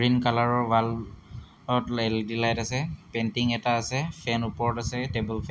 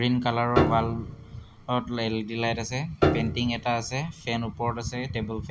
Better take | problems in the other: first | background sound (Piano); 2 dB below the speech

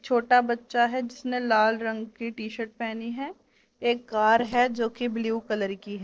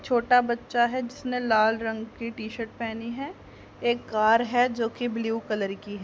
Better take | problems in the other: second | noise reduction (neural separator model SepFormer DNS4)

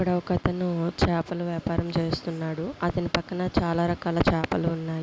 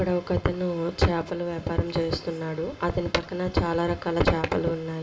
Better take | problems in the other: first | room echo; dies away in 0.4 s

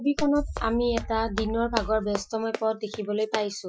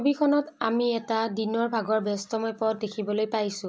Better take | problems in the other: second | noise reduction (classical method Wiener filter)

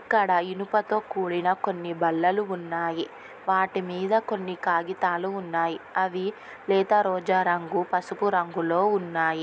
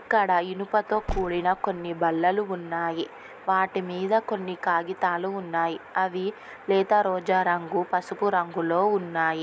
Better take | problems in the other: first | background sound (Car); 11 dB below the speech

